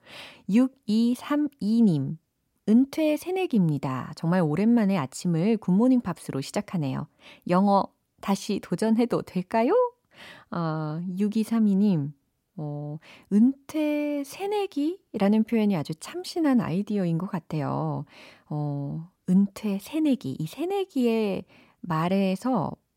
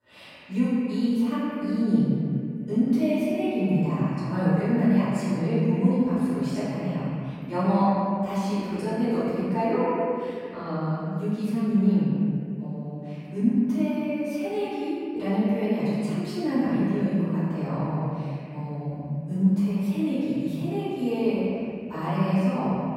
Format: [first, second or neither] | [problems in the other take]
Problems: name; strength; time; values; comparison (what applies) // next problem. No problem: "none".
first | off-mic speech; far // room echo; strong; dies away in 2.5 s